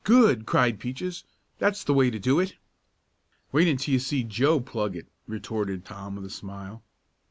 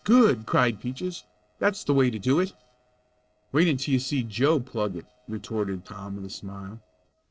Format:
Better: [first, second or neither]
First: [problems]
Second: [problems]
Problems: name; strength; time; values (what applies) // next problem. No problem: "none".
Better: first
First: none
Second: noise reduction (neural separator model SepFormer DNS4)